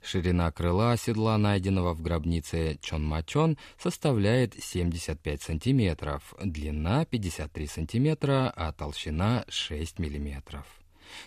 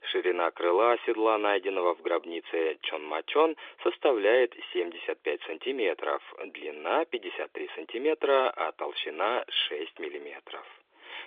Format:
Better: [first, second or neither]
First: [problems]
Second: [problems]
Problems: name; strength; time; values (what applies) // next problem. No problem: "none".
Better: first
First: none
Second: phone-call audio; nothing above 3.5 kHz